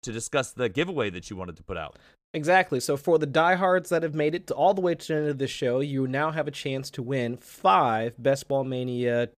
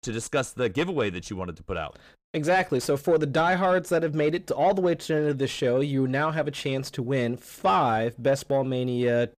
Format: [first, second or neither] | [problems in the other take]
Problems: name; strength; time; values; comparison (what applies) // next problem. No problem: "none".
first | distortion; slight; 10 dB below the speech